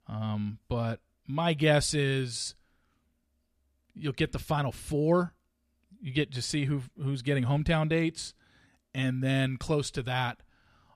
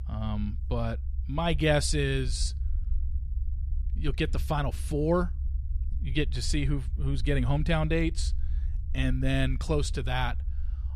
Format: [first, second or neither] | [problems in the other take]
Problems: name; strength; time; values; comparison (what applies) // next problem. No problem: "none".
first | low rumble; faint; throughout; 20 dB below the speech